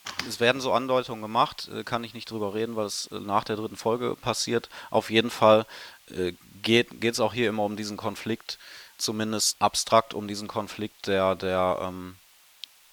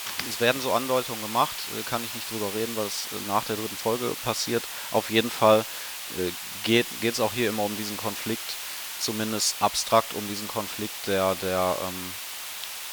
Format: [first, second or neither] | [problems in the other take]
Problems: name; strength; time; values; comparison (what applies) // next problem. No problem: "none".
first | hiss; loud; throughout; 6 dB below the speech; faint in the first